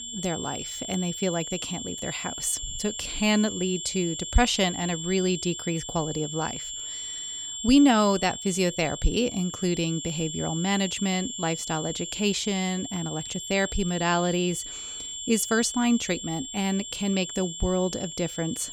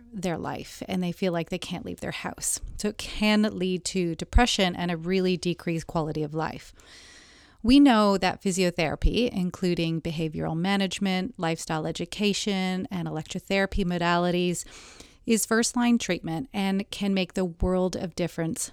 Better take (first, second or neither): second